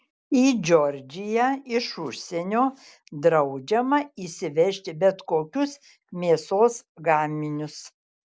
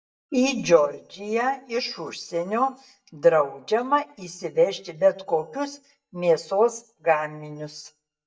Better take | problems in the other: first | noise reduction (neural mask model DeepFilterNet 3)

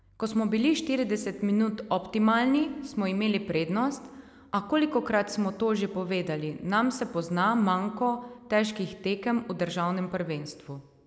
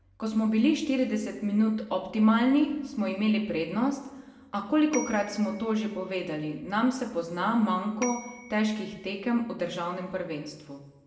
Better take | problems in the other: first | background sound (Bell / Telephone); 17 dB below the speech // room echo; dies away in 0.6 s

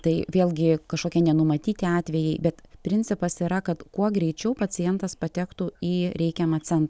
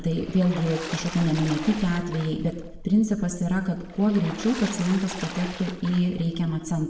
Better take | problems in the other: first | background sound (Water / Splash, splatter); 14 dB below the speech // room echo; dies away in 0.7 s

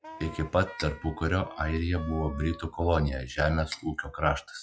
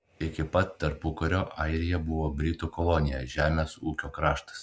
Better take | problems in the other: second | noise reduction (classical method log-MMSE)

